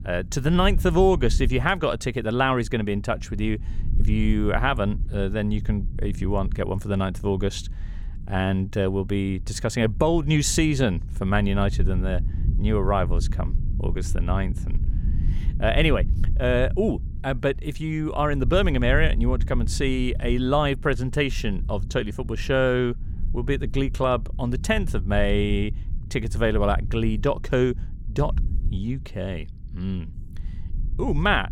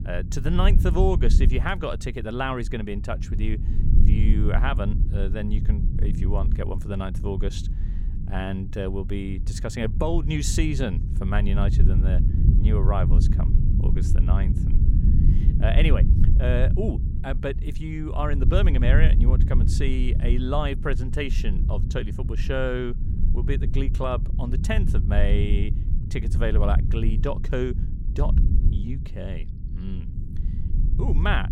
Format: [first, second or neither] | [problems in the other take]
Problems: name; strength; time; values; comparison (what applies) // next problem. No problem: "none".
first | low rumble; loud; throughout; 9 dB below the speech; faint in the first